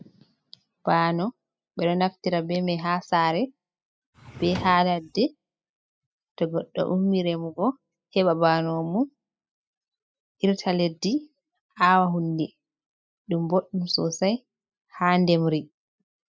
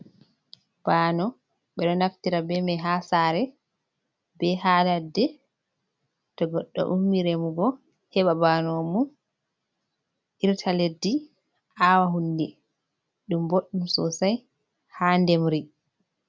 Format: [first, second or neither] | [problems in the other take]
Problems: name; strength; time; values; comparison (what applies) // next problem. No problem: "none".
second | noise reduction (classical method spectral subtraction)